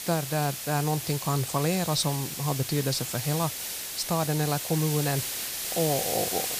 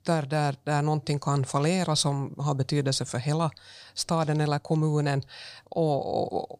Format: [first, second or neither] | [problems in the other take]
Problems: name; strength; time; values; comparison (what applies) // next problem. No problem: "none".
second | hiss; loud; throughout; 3 dB below the speech